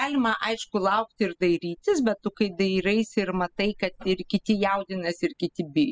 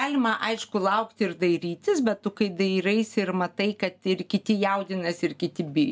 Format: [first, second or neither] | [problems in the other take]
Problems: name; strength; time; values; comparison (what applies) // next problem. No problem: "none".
second | noise reduction (classical method spectral subtraction)